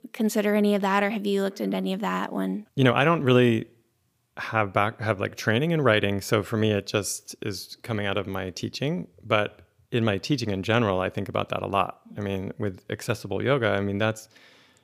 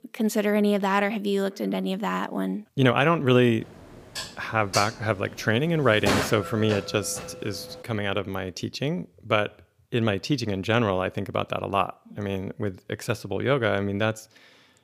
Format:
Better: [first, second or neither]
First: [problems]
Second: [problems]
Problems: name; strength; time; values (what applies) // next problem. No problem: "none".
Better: first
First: none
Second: clattering dishes; loud; from 4 to 7.5 s; peak level with the speech